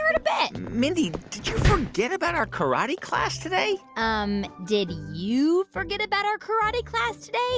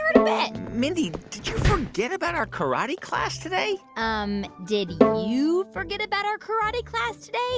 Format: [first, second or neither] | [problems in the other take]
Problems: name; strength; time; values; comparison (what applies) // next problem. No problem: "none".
first | background sound (Bowed string instrument); 2 dB below the speech